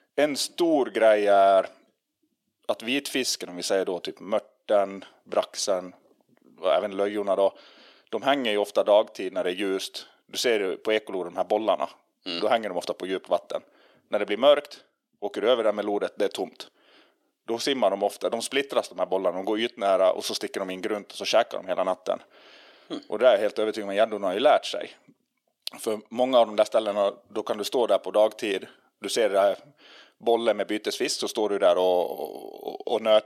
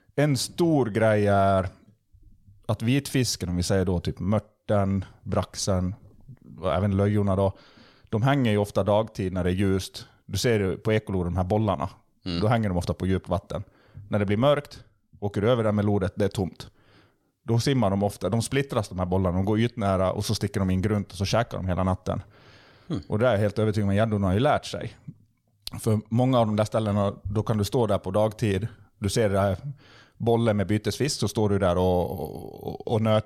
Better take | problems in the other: second | thin; very; fading below 300 Hz

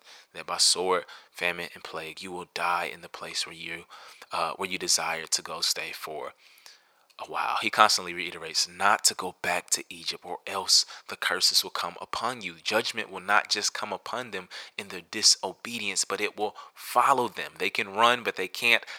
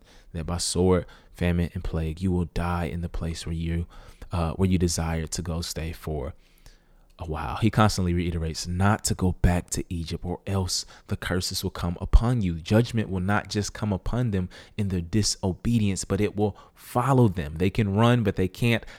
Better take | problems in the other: second | thin; very; fading below 700 Hz

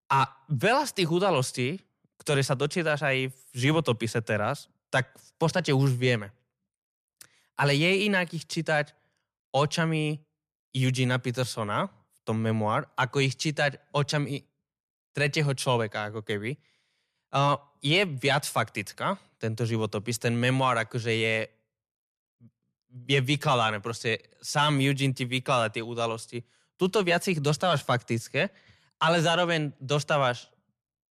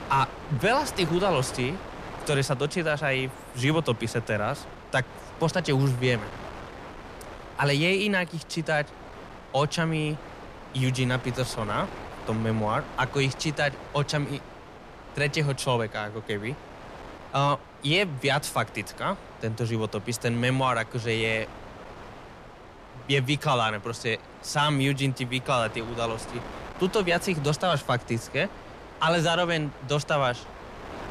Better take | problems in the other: first | wind noise on the microphone; occasional gusts; 15 dB below the speech

